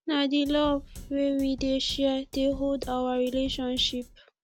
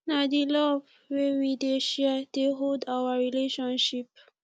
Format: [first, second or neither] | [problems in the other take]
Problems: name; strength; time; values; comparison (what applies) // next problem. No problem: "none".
second | background sound (Drum kit); 16 dB below the speech